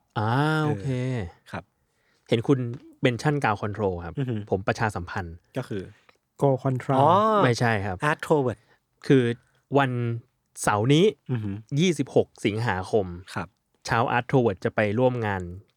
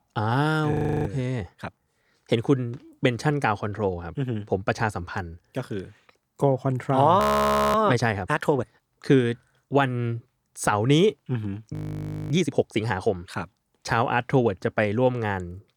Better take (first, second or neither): first